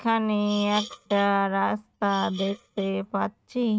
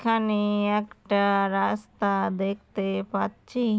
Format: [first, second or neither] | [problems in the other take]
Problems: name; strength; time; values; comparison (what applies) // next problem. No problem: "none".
second | noise reduction (neural mask model RNNoise)